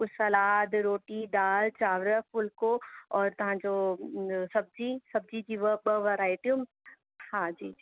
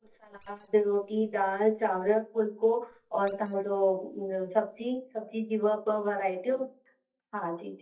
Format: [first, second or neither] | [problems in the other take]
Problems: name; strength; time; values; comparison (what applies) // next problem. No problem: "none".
first | noise reduction (neural mask model DeepFilterNet 3)